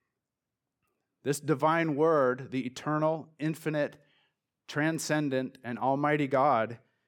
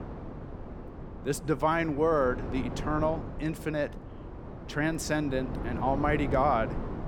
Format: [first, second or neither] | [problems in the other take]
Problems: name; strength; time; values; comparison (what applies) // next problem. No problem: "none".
first | wind noise on the microphone; occasional gusts; 15 dB below the speech